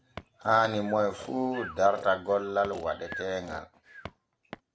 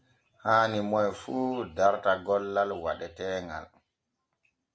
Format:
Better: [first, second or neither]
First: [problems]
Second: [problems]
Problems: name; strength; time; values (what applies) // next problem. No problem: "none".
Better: second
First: background sound (Walk, footsteps + Breathing); 16 dB below the speech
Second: none